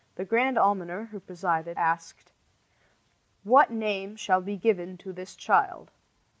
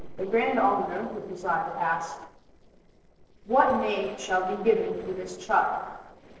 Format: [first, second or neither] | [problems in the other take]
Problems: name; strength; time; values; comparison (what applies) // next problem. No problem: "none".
first | noise reduction (neural separator model SepFormer DNS4)